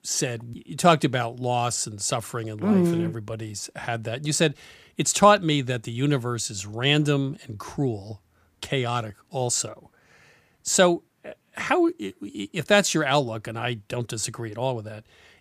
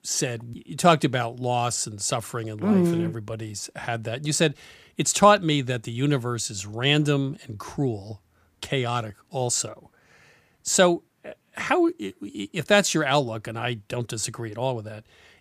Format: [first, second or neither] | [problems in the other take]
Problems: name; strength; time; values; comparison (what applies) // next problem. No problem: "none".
neither | none